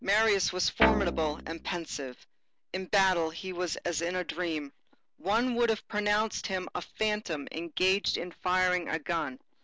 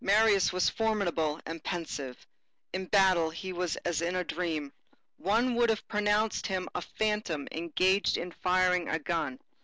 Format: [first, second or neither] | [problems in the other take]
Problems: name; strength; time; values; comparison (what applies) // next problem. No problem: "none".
second | background sound (Guitar); as loud as the speech